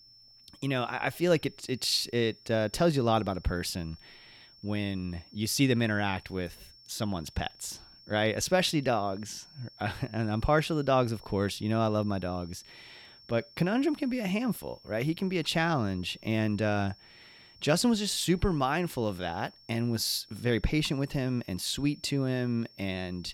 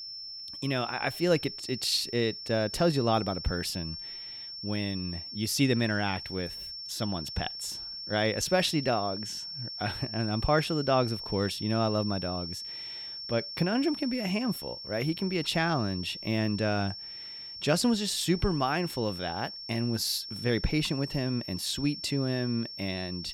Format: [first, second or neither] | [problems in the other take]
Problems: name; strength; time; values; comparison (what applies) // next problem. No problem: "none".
first | high-pitched whine; loud; throughout; 5.5 kHz, 8 dB below the speech; faint in the first